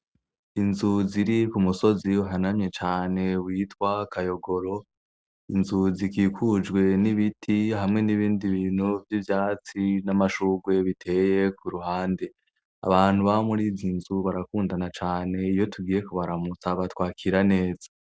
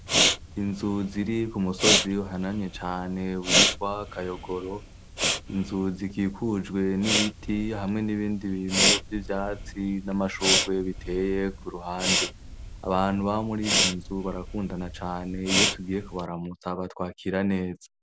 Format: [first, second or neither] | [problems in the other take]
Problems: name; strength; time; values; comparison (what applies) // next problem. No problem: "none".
first | background sound (Respiratory sounds); as loud as the speech